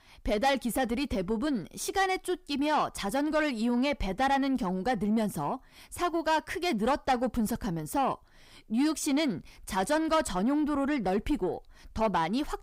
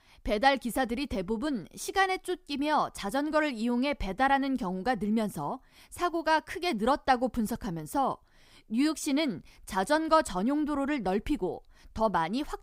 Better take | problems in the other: second | distortion; slight; 10 dB below the speech

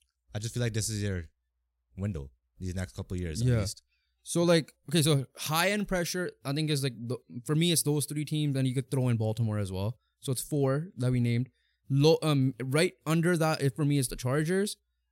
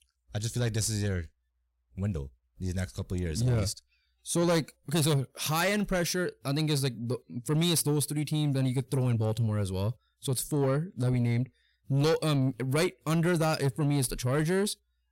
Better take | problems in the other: first | distortion; slight; 10 dB below the speech

